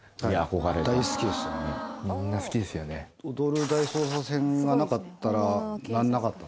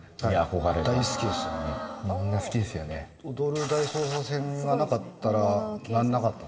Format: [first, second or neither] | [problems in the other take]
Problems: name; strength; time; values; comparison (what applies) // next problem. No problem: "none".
first | room echo; dies away in 1.6 s